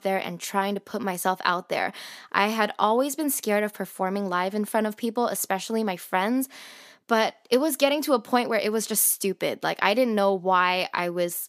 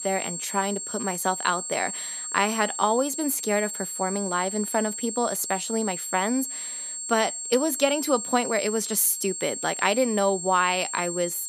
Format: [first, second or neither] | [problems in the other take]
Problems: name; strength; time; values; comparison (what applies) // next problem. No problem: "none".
first | high-pitched whine; loud; throughout; 7.5 kHz, 5 dB below the speech